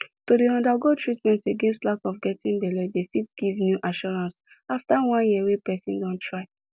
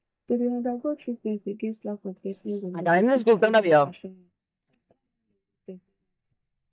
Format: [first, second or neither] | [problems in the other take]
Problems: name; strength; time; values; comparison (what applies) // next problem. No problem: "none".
first | noise reduction (neural mask model DeepFilterNet 3)